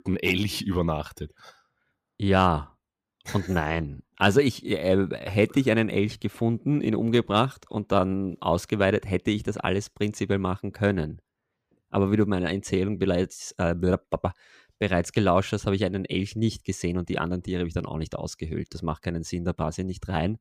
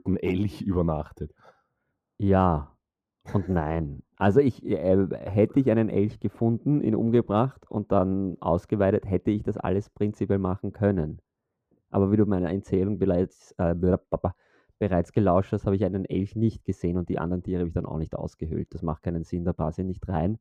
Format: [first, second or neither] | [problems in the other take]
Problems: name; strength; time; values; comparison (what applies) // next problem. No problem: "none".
first | muffled; very; fading above 1.5 kHz